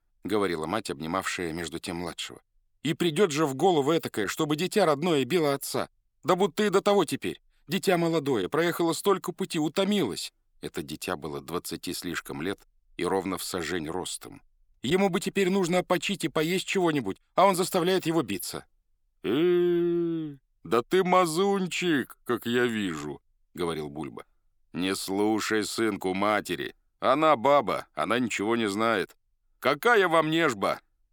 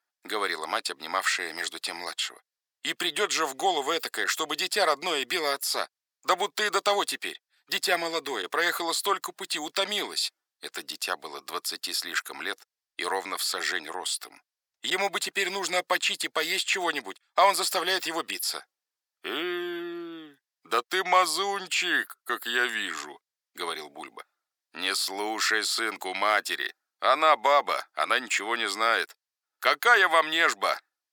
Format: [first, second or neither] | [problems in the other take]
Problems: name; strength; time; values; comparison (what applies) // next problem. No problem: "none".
first | thin; very; fading below 700 Hz